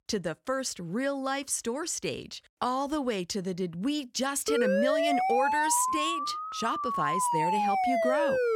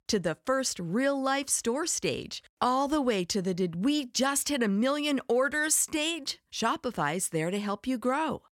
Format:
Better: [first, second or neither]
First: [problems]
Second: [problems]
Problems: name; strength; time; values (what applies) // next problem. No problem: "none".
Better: second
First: siren; loud; from 4.5 s on; peak 5 dB above the speech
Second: none